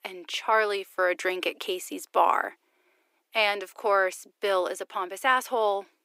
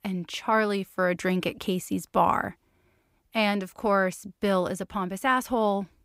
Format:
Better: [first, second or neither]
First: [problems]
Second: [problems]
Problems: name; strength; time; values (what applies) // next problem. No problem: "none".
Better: second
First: thin; very; fading below 350 Hz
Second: none